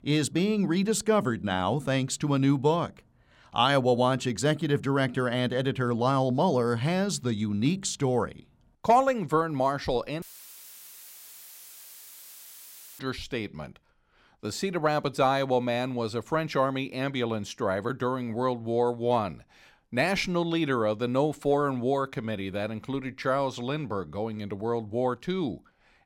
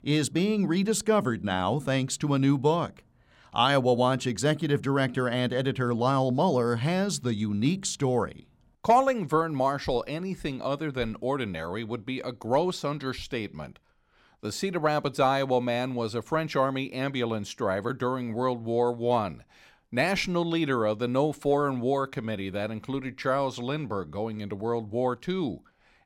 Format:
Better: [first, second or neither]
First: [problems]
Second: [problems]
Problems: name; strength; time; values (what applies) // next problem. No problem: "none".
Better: second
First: audio cutting out; filled with static; at 10 s for 3 s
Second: none